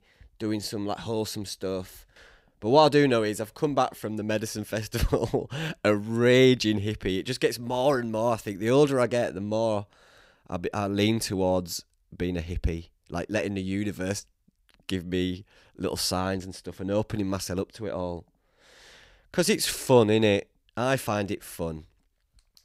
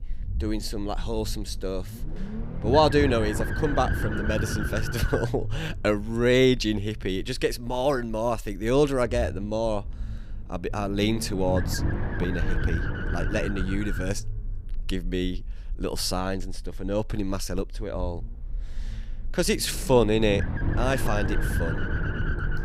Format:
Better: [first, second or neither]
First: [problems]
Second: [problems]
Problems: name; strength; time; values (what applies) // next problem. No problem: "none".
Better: first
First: none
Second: low rumble; loud; throughout; 7 dB below the speech